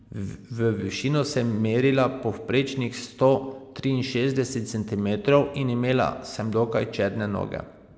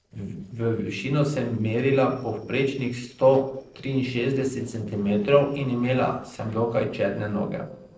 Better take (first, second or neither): first